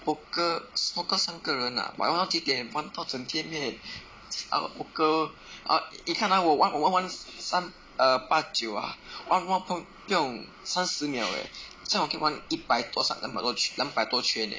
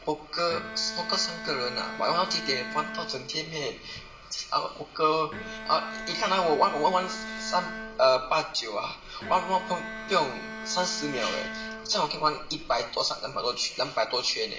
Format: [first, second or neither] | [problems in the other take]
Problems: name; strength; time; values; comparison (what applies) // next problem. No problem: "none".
first | background sound (Bowed string instrument); 11 dB below the speech // room echo; dies away in 0.7 s